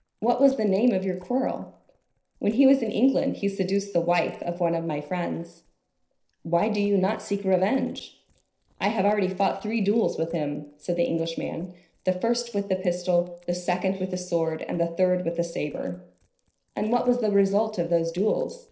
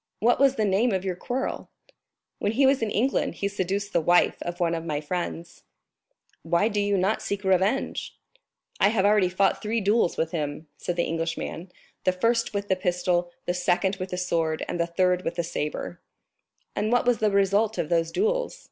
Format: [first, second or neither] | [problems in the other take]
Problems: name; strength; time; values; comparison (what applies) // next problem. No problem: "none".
second | noise reduction (neural separator model SepFormer DNS4)